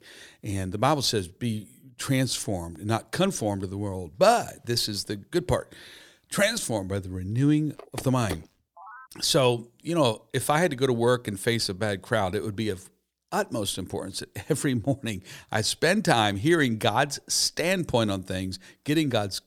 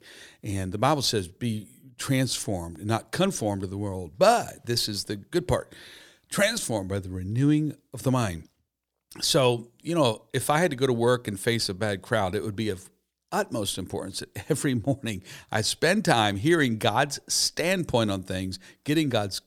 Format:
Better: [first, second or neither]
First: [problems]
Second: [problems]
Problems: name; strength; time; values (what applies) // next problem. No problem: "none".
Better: second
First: phone ringing; faint; from 8 to 9 s; peak 10 dB below the speech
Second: none